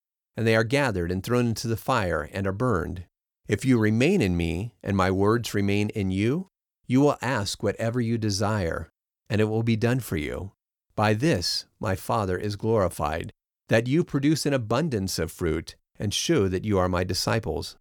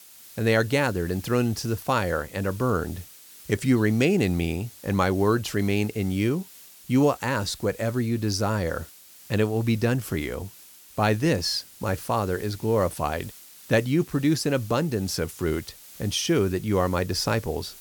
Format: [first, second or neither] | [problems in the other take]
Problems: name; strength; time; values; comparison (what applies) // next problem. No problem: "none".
first | hiss; noticeable; throughout; 20 dB below the speech